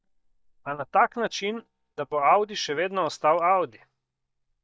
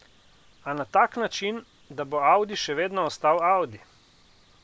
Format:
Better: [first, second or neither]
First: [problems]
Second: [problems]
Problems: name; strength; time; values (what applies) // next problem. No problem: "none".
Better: second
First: noise reduction (neural mask model DeepFilterNet 3)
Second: none